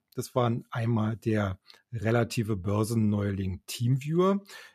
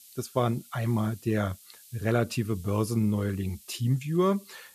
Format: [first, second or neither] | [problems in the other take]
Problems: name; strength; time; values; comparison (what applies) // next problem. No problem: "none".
first | hiss; faint; throughout; 20 dB below the speech